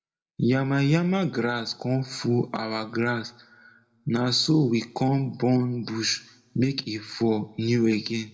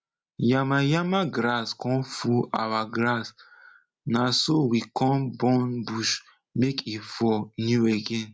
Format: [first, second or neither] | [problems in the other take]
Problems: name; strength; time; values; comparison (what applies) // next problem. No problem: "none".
second | room echo; dies away in 0.6 s